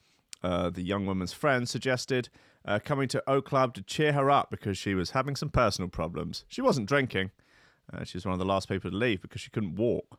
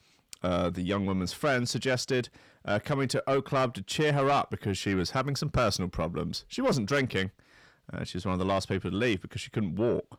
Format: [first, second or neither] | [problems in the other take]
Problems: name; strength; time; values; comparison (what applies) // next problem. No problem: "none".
first | distortion; slight; 10 dB below the speech